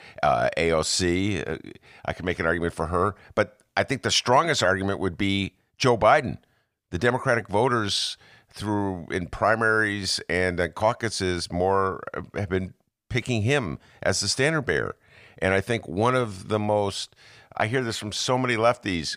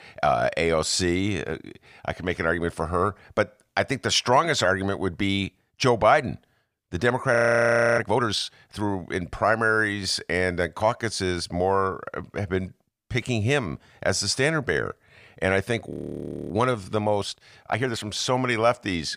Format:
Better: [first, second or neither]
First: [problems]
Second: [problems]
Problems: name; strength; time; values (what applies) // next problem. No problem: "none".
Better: first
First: none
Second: audio freezing; at 7.5 s for 0.5 s and at 16 s for 0.5 s